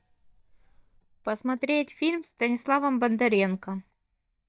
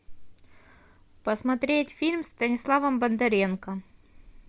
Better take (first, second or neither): second